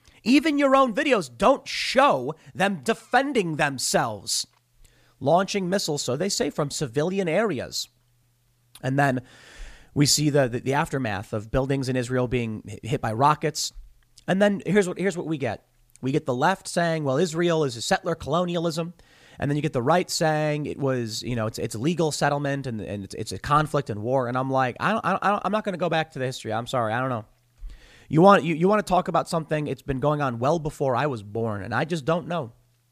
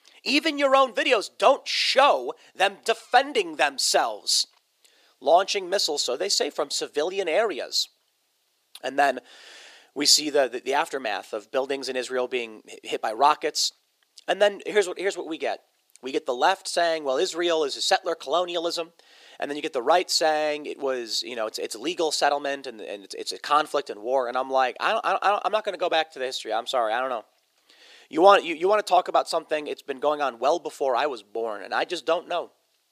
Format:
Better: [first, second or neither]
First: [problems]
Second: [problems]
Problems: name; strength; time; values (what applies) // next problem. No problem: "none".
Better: first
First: none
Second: thin; somewhat; fading below 350 Hz